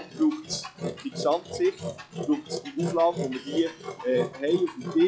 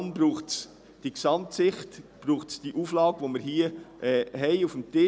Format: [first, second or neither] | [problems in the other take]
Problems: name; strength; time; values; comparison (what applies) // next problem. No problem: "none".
second | noise reduction (classical method log-MMSE)